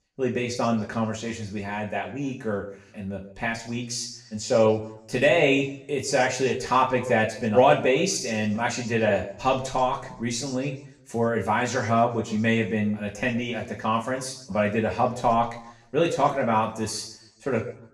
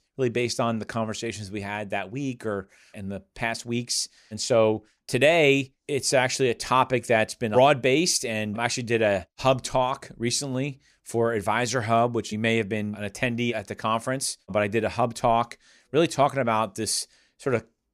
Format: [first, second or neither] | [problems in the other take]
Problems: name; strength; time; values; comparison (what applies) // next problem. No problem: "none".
second | room echo; slight; dies away in 0.7 s // off-mic speech; far